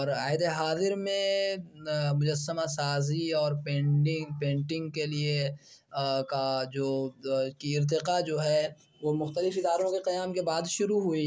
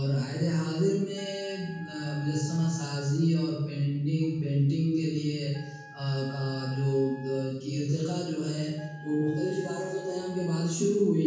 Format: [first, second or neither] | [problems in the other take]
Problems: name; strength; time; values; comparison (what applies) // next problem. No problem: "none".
first | background sound (Wind instrument, woodwind instrument); 19 dB below the speech // room echo; dies away in 1.2 s